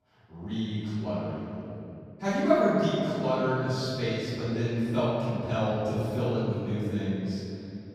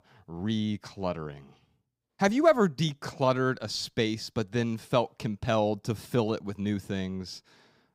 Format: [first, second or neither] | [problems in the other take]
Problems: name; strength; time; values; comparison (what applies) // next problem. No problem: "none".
second | off-mic speech; far // room echo; strong; dies away in 3 s